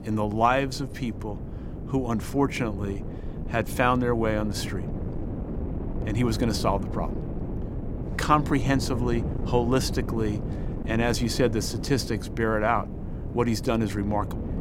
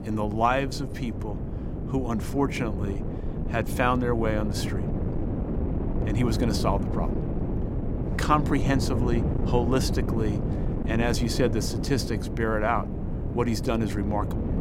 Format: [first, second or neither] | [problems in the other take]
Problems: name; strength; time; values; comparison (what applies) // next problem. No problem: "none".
first | wind noise on the microphone; heavy; 8 dB below the speech; occasional gusts in the first